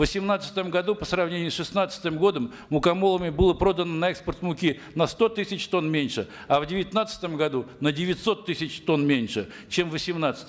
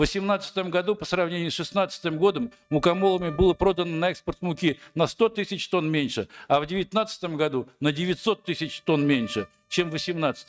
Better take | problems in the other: first | noise reduction (neural mask model RNNoise)

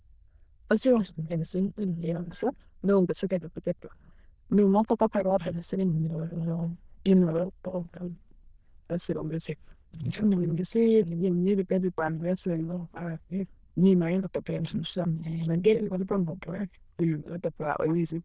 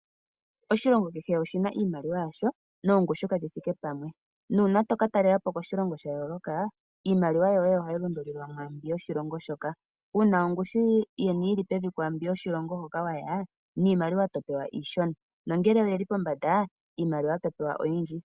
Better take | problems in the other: second | noise reduction (neural diffusion model UNIVERSE++)

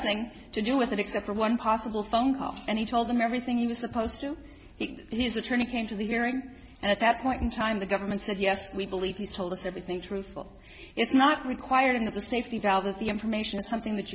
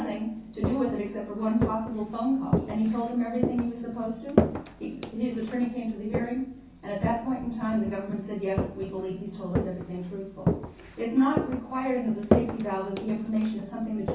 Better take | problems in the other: first | background sound (Walk, footsteps); 3 dB below the speech // room echo; dies away in 0.6 s

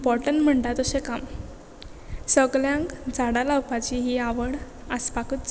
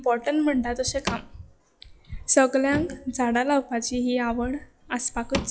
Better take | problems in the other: first | noise reduction (classical method log-MMSE)

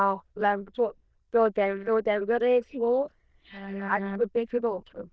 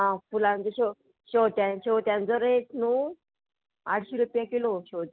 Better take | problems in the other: second | noise reduction (neural diffusion model UNIVERSE++)

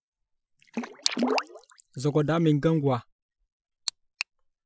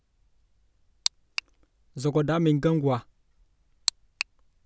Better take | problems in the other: second | noise reduction (classical method Wiener filter)

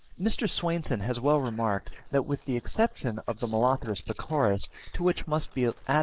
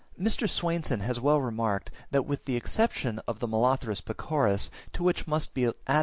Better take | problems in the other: second | noise reduction (neural mask model Resemble Enhance denoiser)

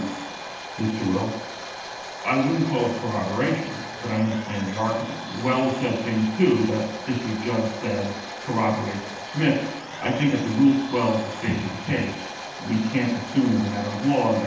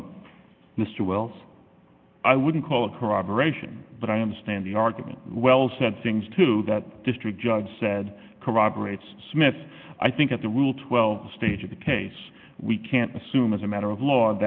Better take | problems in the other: second | background sound (Domestic sounds, home sounds); 11 dB below the speech // room echo; dies away in 0.9 s

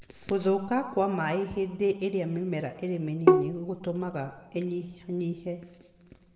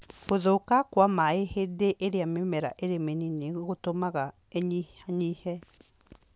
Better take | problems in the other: second | background sound (Bowed string instrument); 5 dB above the speech // room echo; dies away in 1.2 s

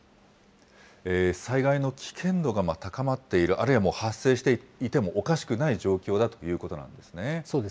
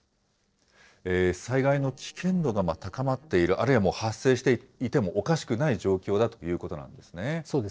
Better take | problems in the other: first | noise reduction (neural separator model SepFormer DNS4)

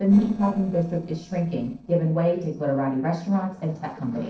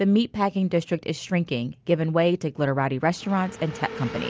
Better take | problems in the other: second | noise reduction (neural separator model SepFormer DNS4)

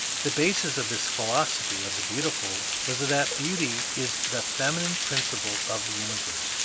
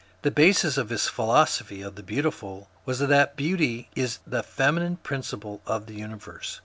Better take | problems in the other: second | background sound (Water); 2 dB above the speech

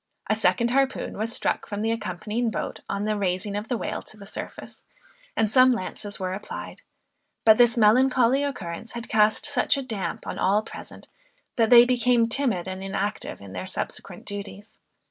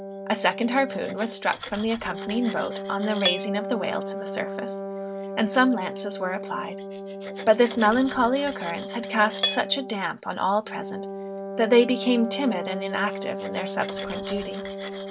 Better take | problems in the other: first | background sound (Cutlery, silverware + Wind instrument, woodwind instrument); 7 dB below the speech

